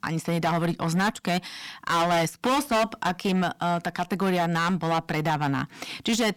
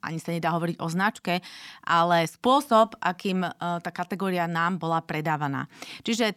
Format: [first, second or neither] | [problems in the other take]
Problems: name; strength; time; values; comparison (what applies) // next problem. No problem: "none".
second | distortion; heavy; 13% of the sound clipped